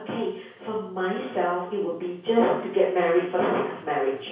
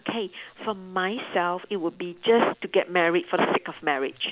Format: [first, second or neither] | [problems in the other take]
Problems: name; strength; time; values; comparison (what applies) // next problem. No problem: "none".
second | room echo; dies away in 0.6 s